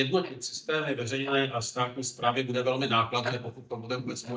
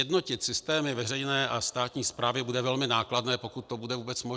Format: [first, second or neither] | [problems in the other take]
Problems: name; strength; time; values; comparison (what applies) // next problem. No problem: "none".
second | noise reduction (neural mask model DeepFilterNet 3)